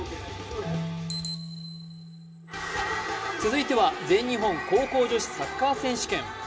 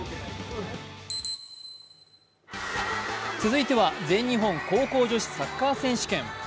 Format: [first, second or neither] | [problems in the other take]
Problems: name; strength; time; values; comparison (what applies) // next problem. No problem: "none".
second | background sound (Marimba, xylophone); 13 dB below the speech // room echo; dies away in 2.2 s